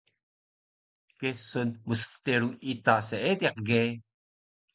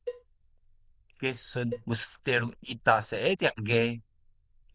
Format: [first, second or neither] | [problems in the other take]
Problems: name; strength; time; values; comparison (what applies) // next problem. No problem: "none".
first | noise reduction (neural diffusion model UNIVERSE++)